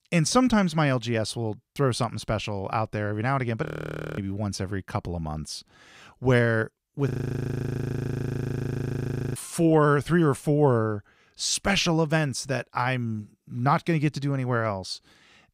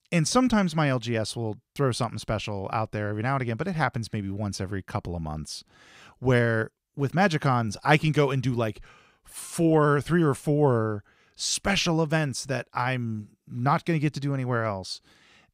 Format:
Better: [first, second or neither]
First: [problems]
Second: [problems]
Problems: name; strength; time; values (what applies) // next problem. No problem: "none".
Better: second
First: audio freezing; at 3.5 s for 0.5 s and at 7 s for 2.5 s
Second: none